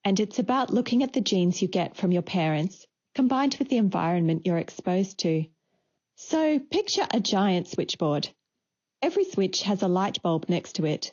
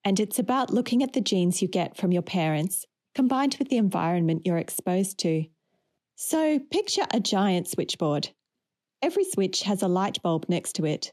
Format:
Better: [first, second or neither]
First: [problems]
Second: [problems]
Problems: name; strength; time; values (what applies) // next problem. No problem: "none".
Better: second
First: garbled, watery; slightly; nothing above 6.5 kHz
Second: none